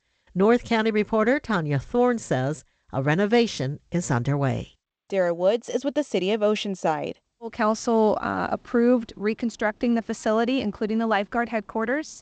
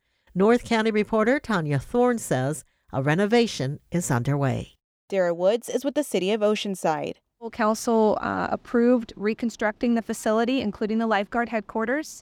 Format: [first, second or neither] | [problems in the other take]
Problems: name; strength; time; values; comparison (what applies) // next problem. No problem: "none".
second | garbled, watery; slightly; nothing above 8 kHz